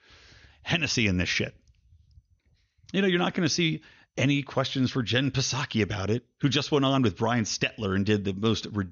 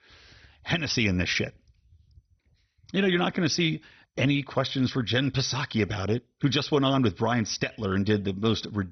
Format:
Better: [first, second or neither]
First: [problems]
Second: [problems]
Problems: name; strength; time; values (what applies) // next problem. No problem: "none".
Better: first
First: garbled, watery; slightly; nothing above 6.5 kHz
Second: garbled, watery; badly; nothing above 6 kHz